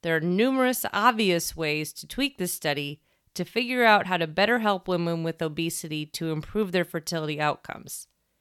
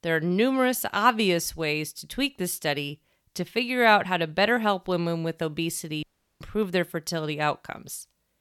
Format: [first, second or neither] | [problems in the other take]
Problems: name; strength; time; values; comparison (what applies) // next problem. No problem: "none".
first | audio cutting out; at 6 s